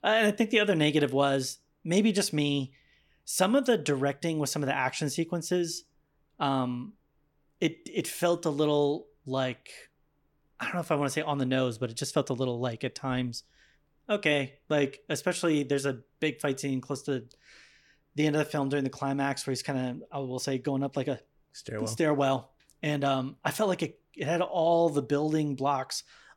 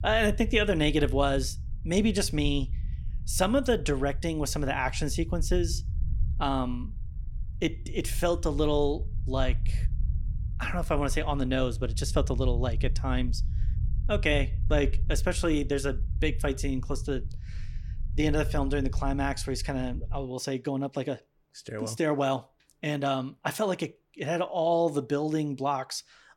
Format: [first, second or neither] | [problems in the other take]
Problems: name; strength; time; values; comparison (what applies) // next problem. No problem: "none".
first | low rumble; faint; until 20 s; 20 dB below the speech